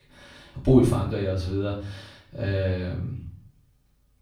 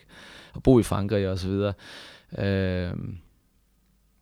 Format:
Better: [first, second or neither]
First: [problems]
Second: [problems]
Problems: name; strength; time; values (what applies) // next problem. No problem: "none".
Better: second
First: off-mic speech; far // room echo; noticeable; dies away in 0.5 s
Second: none